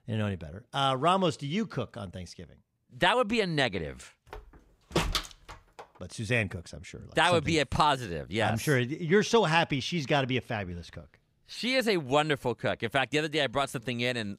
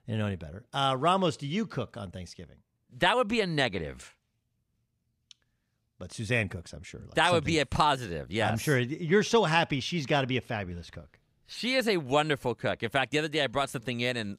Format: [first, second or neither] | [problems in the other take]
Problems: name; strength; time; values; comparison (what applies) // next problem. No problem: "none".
second | door banging; noticeable; from 4.5 to 6 s; peak 1 dB below the speech